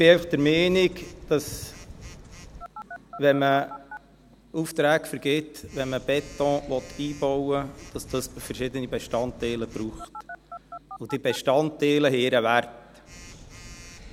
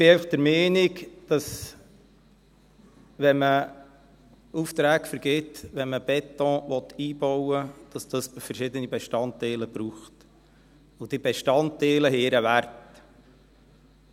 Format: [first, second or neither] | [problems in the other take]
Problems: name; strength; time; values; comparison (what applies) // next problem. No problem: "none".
second | background sound (Telephone); 18 dB below the speech